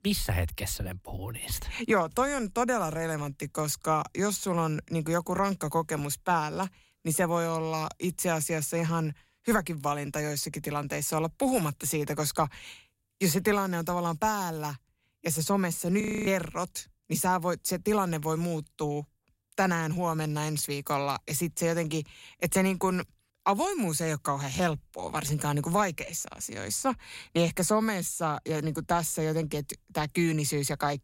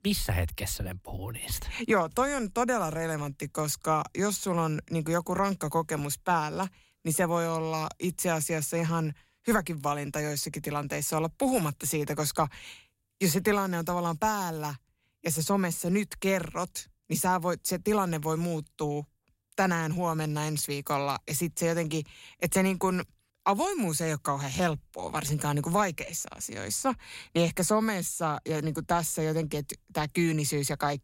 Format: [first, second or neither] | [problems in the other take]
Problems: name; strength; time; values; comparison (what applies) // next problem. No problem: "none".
second | audio freezing; at 16 s